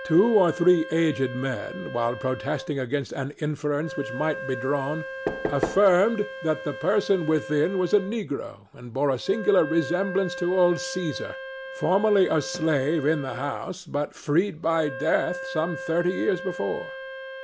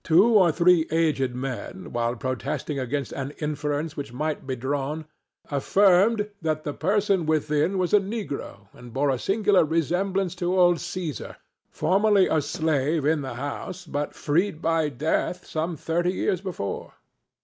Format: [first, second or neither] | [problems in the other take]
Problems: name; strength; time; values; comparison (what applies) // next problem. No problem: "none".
second | background sound (Wind instrument, woodwind instrument + Knock / Wood); 11 dB below the speech